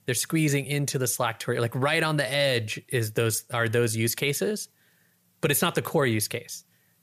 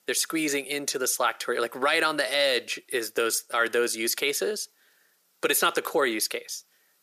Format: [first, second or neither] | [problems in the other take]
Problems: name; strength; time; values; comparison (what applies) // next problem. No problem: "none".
first | thin; somewhat; fading below 300 Hz